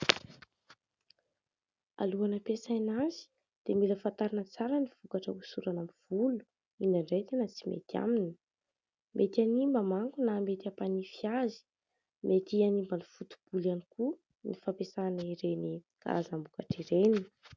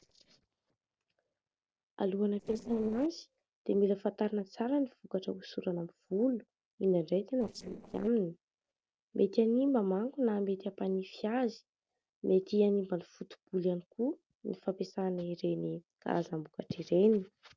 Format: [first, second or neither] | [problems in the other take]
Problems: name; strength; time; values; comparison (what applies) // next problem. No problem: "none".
first | noise reduction (neural separator model SepFormer DNS4)